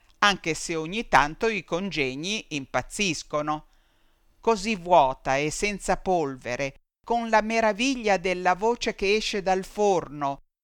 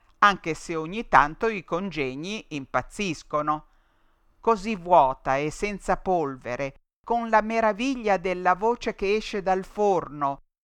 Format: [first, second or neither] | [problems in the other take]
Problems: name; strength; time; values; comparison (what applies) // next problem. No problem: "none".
first | muffled; slightly; fading above 2.5 kHz